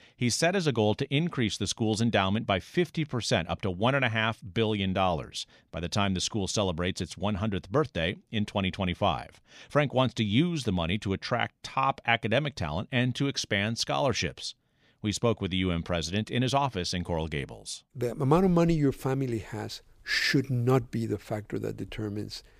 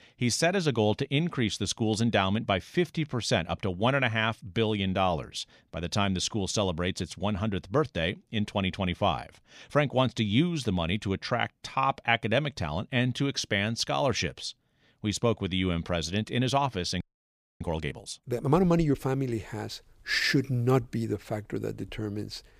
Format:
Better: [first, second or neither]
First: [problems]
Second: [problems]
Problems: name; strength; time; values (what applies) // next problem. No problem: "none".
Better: first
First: none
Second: audio freezing; at 17 s for 0.5 s